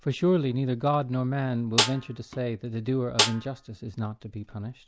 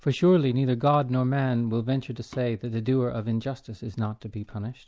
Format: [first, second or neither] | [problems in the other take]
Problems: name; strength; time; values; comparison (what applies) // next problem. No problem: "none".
second | background sound (Snare drum); 2 dB below the speech